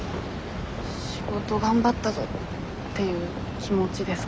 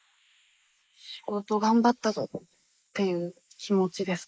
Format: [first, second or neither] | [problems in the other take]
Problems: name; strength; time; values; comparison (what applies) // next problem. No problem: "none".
first | noise reduction (neural mask model Resemble Enhance denoiser)